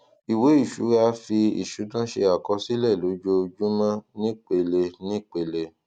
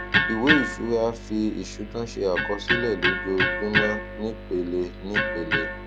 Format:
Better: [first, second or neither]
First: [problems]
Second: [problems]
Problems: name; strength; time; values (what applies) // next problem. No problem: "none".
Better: first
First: none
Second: background sound (Electric guitar); as loud as the speech